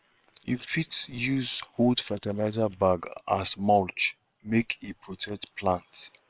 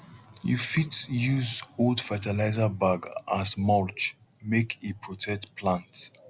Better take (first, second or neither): second